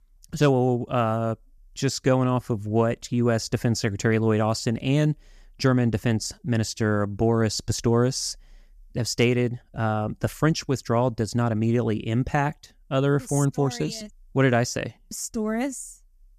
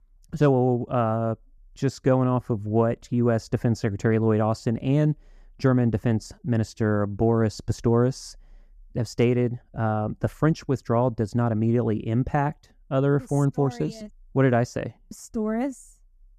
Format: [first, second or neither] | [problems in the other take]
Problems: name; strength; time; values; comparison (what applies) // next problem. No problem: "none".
first | muffled; slightly; fading above 2 kHz